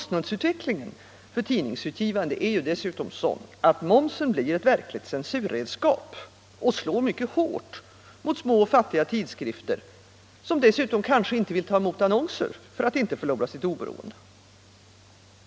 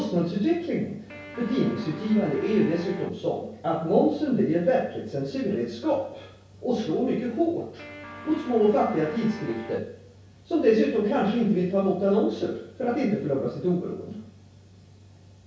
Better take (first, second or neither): first